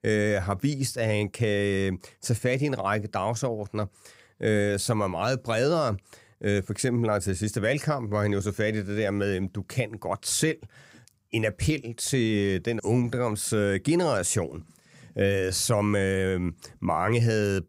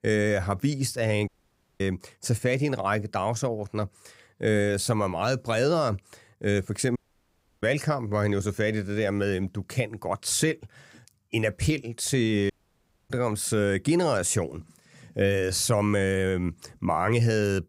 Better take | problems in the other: first | audio cutting out; at 1.5 s for 0.5 s, at 7 s for 0.5 s and at 13 s for 0.5 s

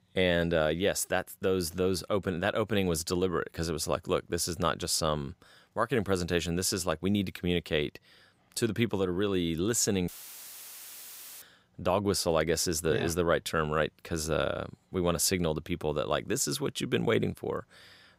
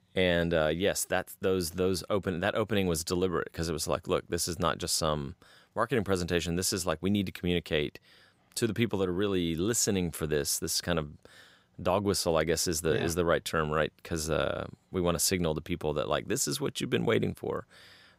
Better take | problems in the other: second | audio cutting out; filled with static; at 10 s for 1.5 s

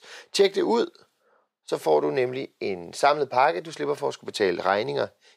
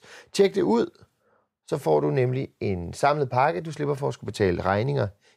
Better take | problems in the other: second | thin; somewhat; fading below 300 Hz

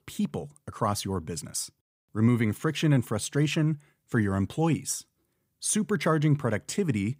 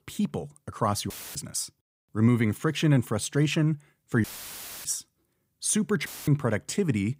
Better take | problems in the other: first | audio cutting out; filled with static; at 1 s, at 4 s for 0.5 s and at 6 s

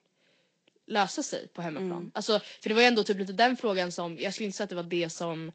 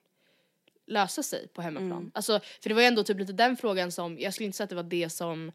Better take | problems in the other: second | garbled, watery; slightly; nothing above 8 kHz

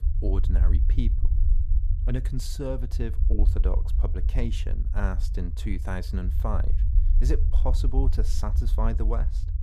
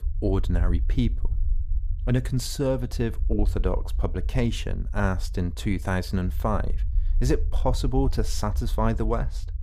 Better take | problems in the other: second | low rumble; loud; throughout; 10 dB below the speech; faint in the second

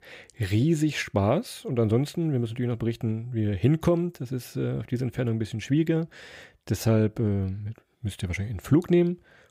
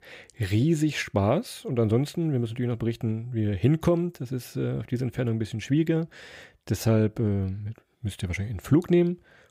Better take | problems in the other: neither | none

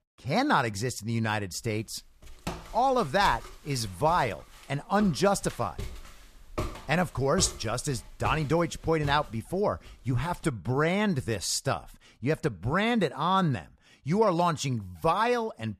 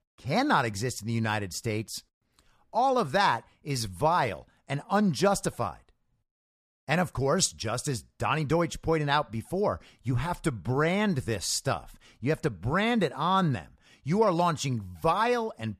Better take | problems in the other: second | footsteps; noticeable; from 2.5 to 10 s; peak 8 dB below the speech

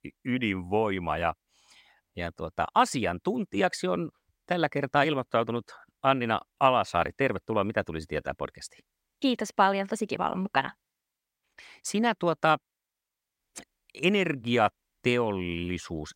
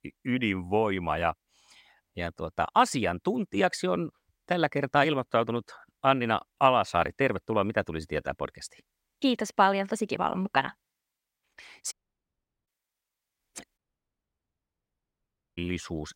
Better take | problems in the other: first | audio cutting out; at 12 s for 1 s and at 14 s for 2 s

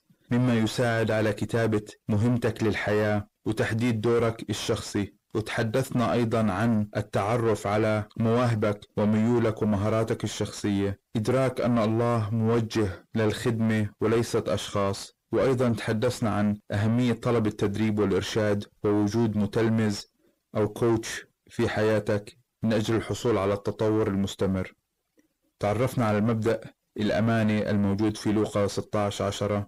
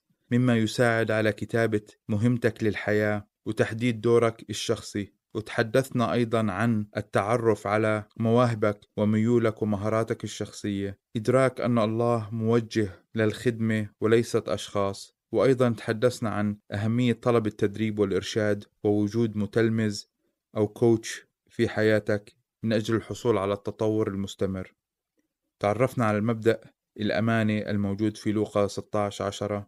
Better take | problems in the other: second | distortion; heavy; 7 dB below the speech

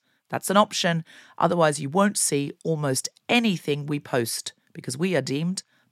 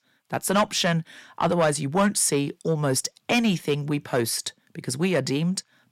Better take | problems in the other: first | distortion; slight; 10 dB below the speech

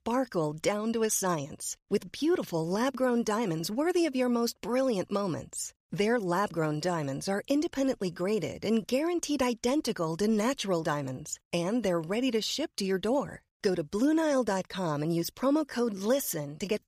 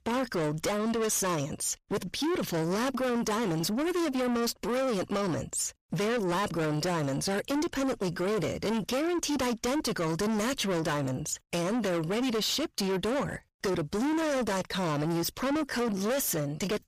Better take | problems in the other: first | distortion; heavy; 6 dB below the speech

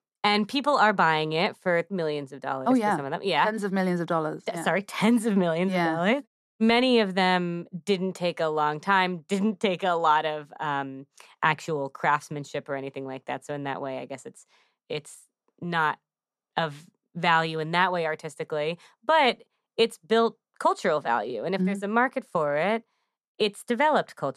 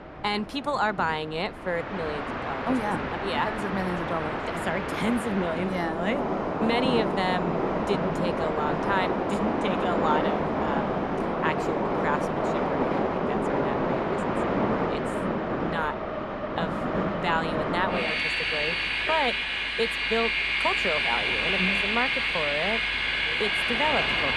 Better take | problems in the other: first | train or aircraft noise; very loud; throughout; 4 dB above the speech

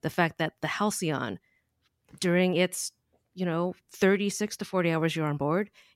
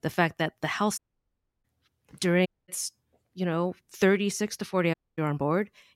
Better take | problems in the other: first | audio cutting out; at 1 s for 0.5 s, at 2.5 s and at 5 s

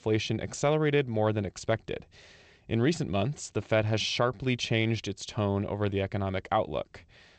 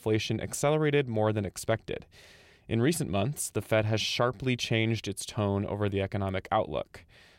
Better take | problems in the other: second | garbled, watery; slightly; nothing above 8 kHz

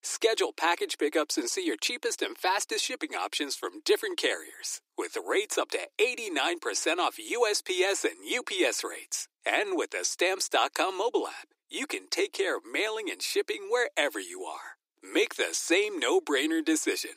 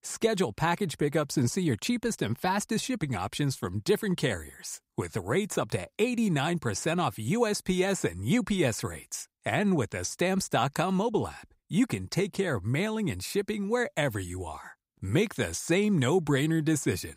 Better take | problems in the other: second | thin; very; fading below 300 Hz

